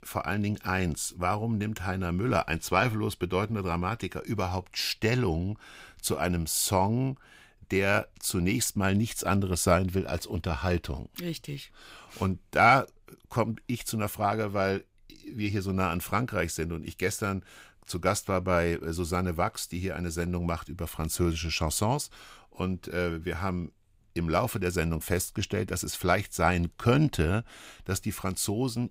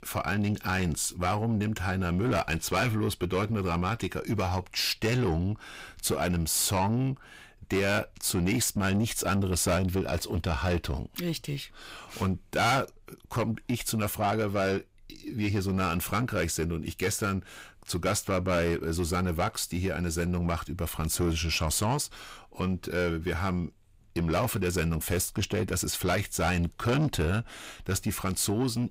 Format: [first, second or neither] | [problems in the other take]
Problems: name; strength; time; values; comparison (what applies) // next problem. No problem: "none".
first | distortion; heavy; 8 dB below the speech